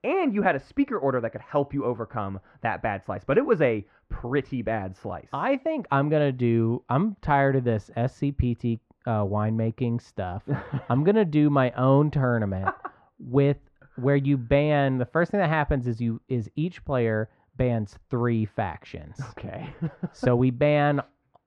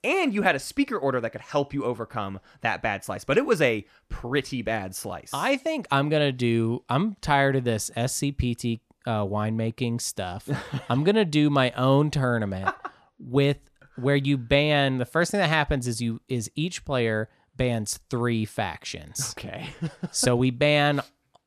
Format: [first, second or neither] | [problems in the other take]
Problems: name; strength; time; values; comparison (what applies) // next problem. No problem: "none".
second | muffled; very; fading above 1.5 kHz